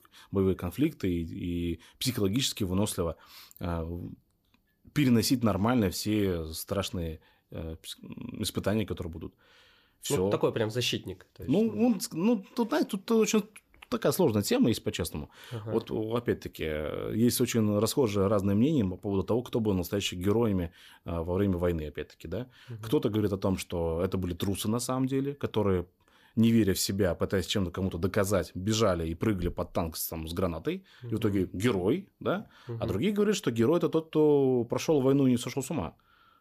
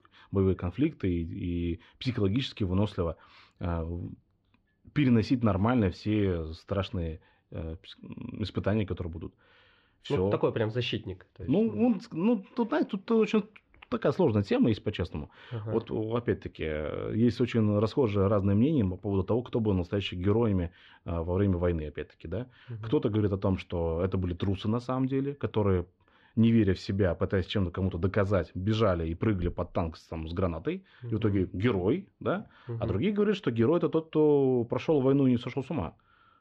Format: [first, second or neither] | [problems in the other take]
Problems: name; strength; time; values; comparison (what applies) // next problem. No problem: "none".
first | muffled; slightly; fading above 3 kHz